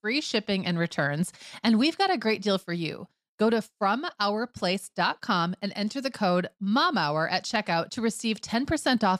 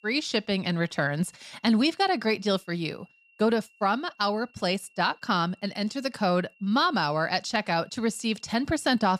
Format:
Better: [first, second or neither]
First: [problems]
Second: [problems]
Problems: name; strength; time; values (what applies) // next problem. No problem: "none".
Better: first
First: none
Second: high-pitched whine; faint; throughout; 2.5 kHz, 30 dB below the speech